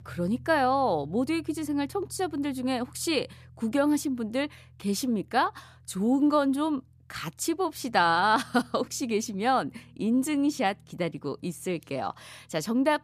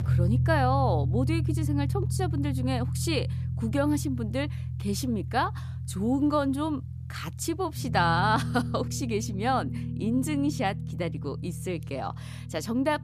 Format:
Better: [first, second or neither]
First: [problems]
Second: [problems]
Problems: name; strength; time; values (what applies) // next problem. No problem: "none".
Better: first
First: background music; faint; throughout; 25 dB below the speech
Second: background music; loud; throughout; 2 dB below the speech